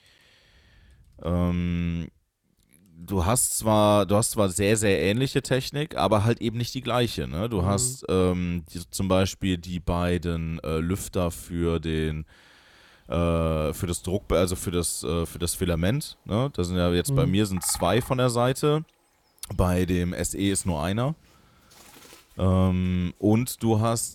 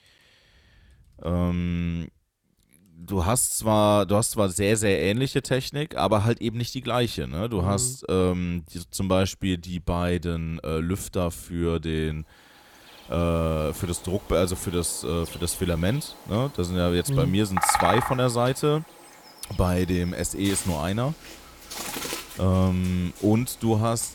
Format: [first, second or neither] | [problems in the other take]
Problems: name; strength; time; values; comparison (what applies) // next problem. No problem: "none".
first | animal sounds; loud; from 12 s on; 10 dB below the speech; faint in the first